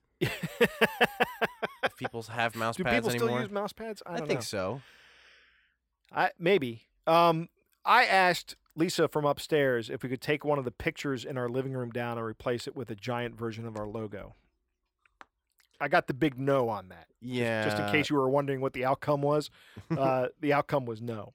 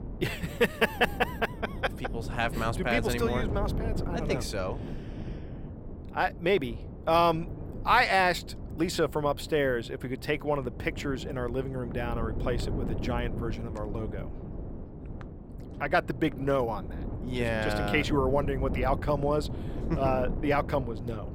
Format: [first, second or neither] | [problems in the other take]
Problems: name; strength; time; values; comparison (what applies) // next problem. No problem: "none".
first | wind noise on the microphone; occasional gusts; 15 dB below the speech